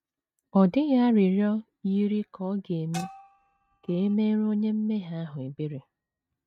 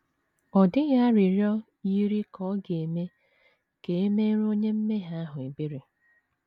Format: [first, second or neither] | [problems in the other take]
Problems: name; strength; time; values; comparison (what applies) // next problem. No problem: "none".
second | noise reduction (neural mask model RNNoise)